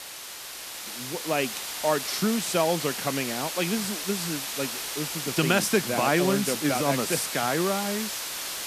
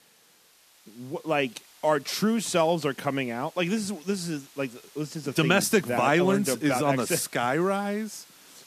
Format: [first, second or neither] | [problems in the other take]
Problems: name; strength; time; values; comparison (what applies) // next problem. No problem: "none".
second | hiss; loud; throughout; 4 dB below the speech; faint in the second